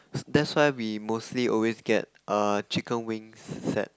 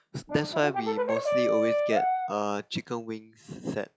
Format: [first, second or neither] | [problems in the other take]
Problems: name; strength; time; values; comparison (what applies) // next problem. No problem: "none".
first | noise reduction (classical method log-MMSE)